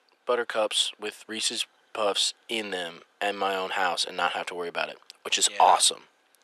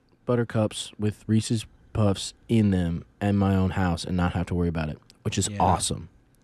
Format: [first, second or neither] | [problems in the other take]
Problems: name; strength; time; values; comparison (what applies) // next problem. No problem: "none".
second | thin; very; fading below 550 Hz